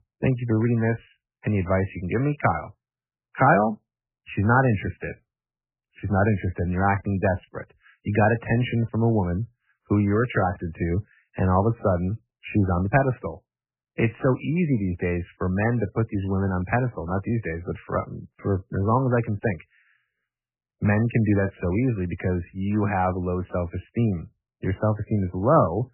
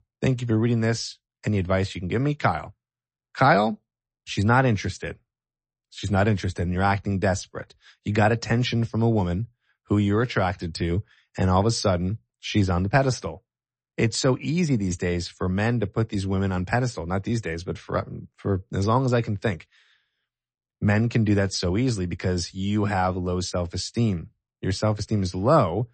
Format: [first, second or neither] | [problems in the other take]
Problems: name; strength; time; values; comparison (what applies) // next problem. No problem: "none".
second | garbled, watery; badly; nothing above 3 kHz; slightly in the second